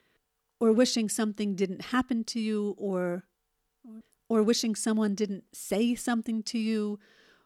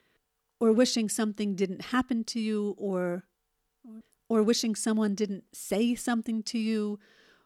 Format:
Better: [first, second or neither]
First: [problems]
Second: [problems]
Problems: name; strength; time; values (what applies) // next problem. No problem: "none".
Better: neither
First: none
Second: none